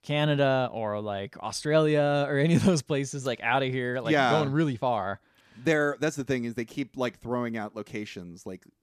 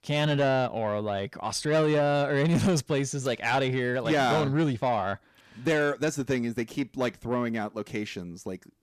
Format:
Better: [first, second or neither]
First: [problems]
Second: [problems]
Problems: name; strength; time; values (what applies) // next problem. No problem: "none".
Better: first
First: none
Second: distortion; slight; 10 dB below the speech